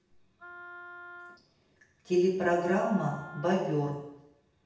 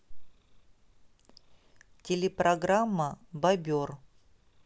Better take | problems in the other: second | background sound (Wind instrument, woodwind instrument); 18 dB below the speech // room echo; dies away in 0.9 s

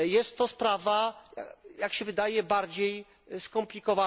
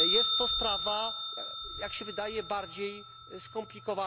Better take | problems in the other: first | background sound (Bell); 4 dB above the speech

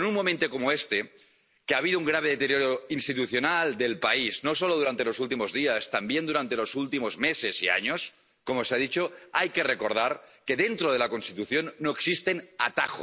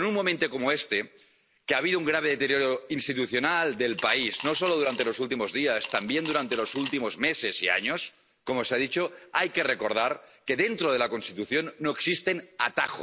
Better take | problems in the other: first | background sound (Coin (dropping) / Glass); 13 dB below the speech

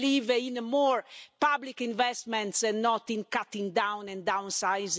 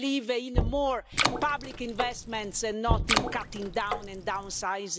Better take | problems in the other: first | background sound (Knock + Water / Splash, splatter); as loud as the speech

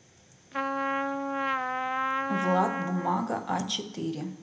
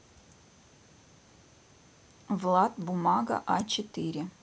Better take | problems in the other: second | background sound (Trumpet); as loud as the speech // room echo; dies away in 0.8 s

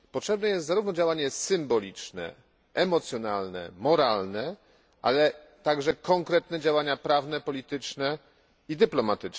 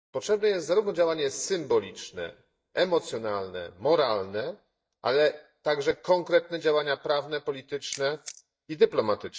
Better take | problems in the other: first | noise reduction (neural mask model DeepFilterNet 3)

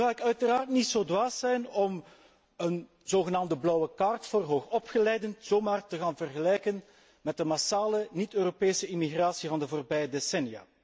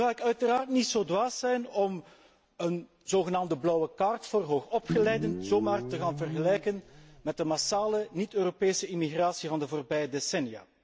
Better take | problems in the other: first | background sound (Guitar); 8 dB below the speech

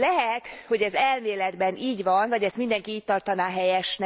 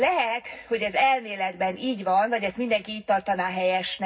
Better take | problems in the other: first | room echo; dies away in 0.4 s

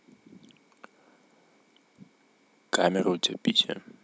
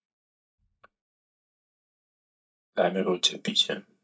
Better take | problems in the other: first | noise reduction (neural mask model DeepFilterNet 3)

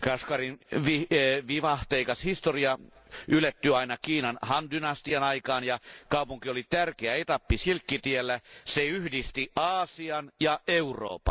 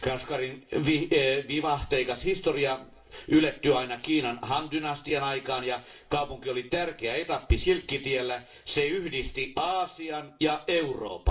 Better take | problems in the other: first | room echo; dies away in 0.4 s

